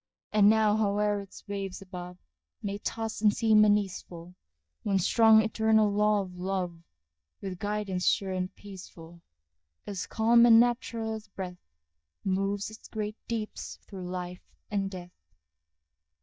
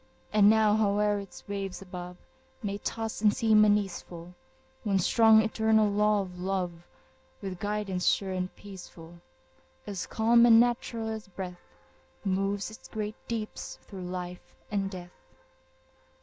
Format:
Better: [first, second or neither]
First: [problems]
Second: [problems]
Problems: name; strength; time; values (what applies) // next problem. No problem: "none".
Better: second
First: noise reduction (neural mask model DeepFilterNet 3)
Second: none